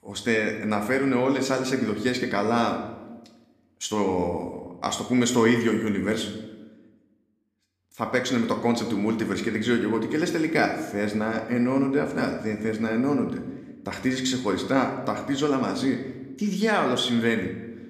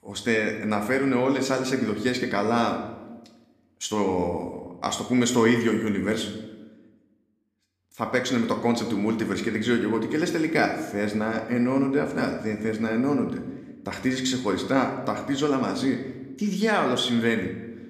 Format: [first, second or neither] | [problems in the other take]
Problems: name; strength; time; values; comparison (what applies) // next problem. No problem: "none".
neither | room echo; slight; dies away in 0.8 s; the same in both